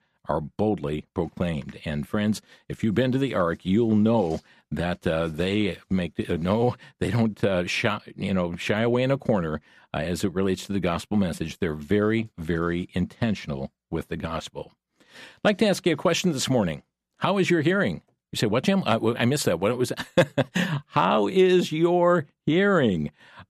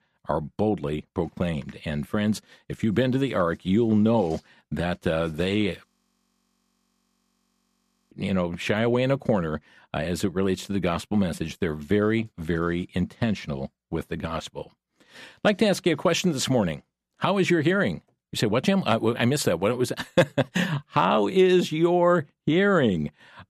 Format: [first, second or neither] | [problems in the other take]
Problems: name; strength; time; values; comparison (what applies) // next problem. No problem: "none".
first | audio freezing; at 6 s for 2 s